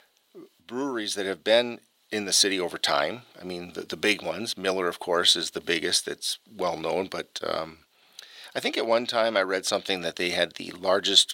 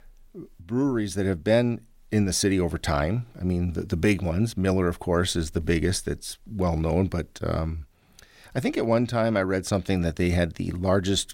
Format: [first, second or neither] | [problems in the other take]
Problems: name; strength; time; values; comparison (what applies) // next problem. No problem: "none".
second | thin; somewhat; fading below 500 Hz